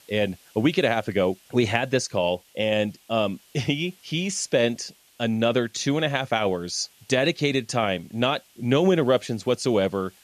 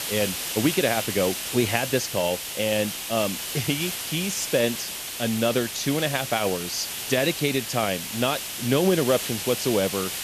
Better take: first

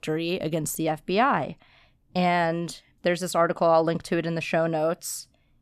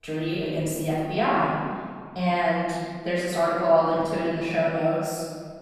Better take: first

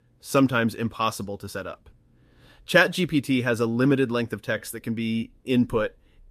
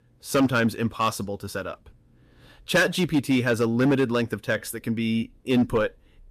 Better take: first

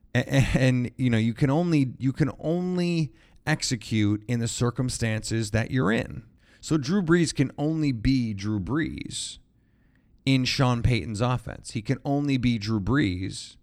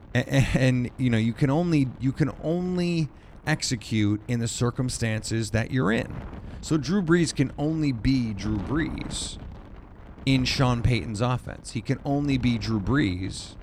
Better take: first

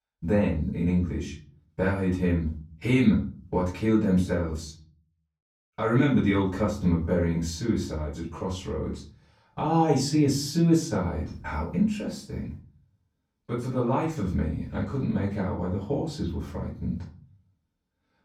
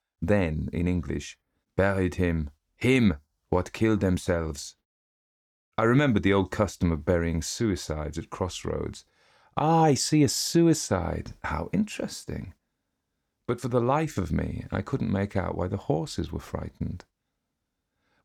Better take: second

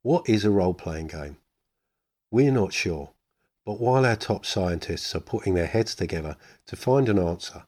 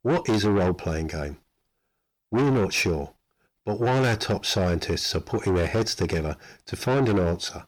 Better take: first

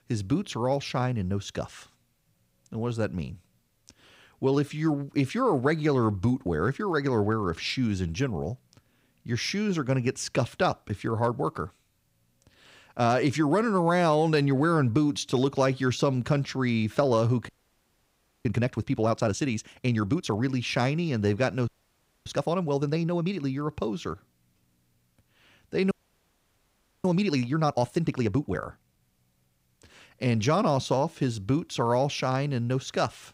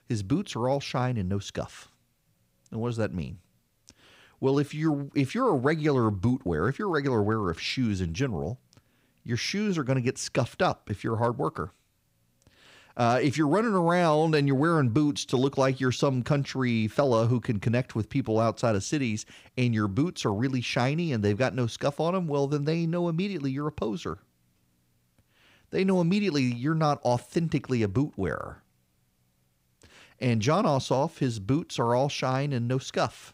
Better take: second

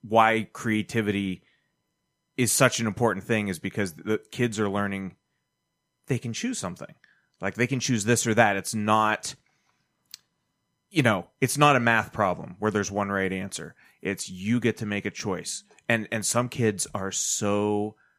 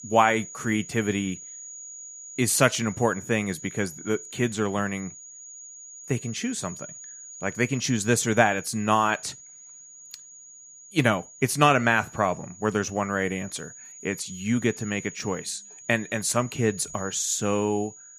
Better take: first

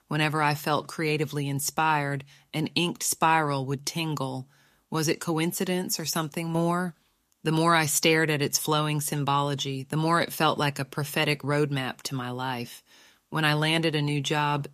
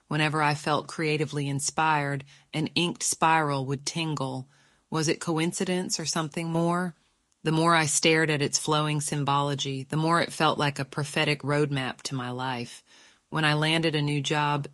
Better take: first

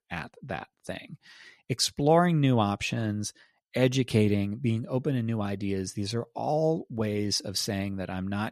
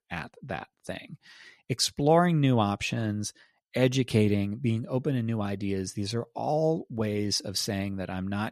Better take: neither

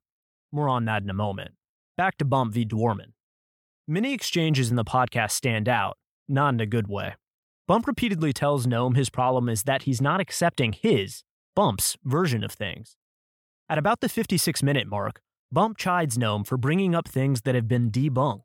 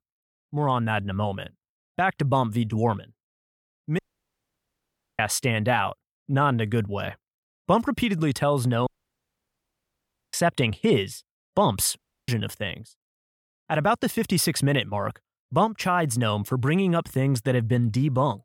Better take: first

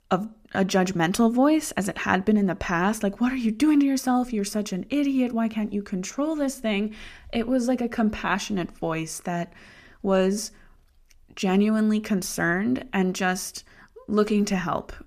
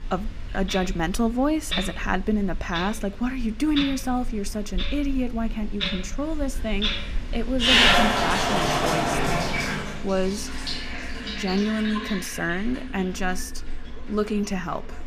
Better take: first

